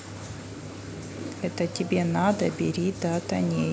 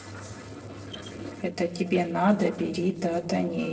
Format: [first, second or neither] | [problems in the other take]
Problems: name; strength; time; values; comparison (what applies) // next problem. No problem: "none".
first | noise reduction (neural separator model SepFormer DNS4)